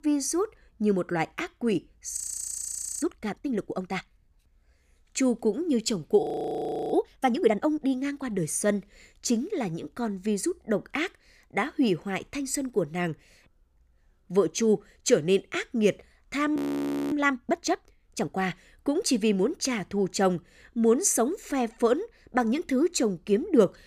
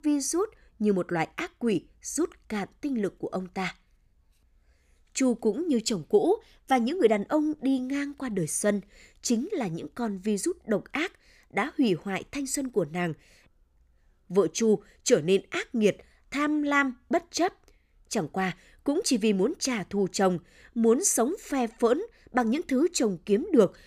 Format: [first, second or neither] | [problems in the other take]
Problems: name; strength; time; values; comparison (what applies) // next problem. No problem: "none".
second | audio freezing; at 2 s for 1 s, at 6 s for 0.5 s and at 17 s for 0.5 s